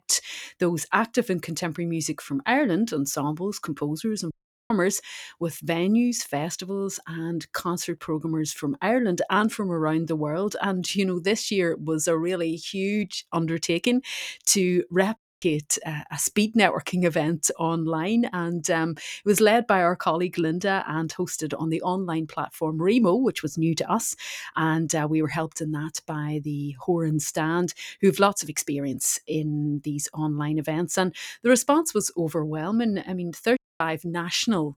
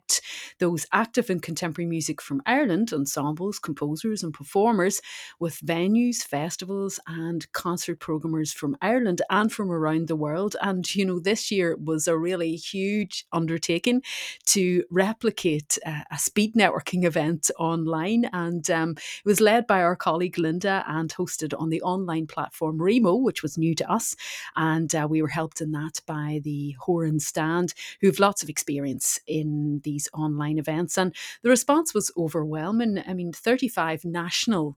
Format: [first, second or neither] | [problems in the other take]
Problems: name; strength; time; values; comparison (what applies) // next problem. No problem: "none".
second | audio cutting out; at 4.5 s, at 15 s and at 34 s